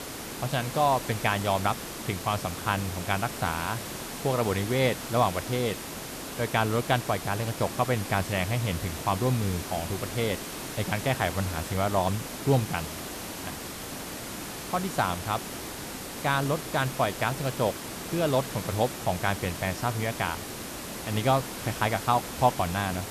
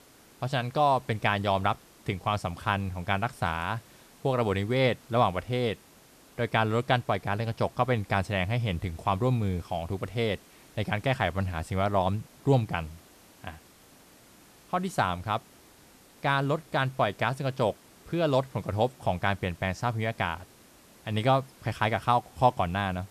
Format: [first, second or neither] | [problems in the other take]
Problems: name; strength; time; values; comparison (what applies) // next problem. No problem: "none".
second | hiss; loud; throughout; 7 dB below the speech; faint in the second